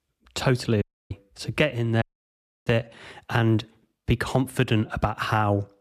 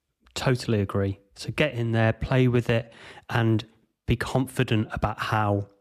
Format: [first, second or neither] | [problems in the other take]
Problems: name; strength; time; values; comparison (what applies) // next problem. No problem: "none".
second | audio cutting out; at 1 s and at 2 s for 0.5 s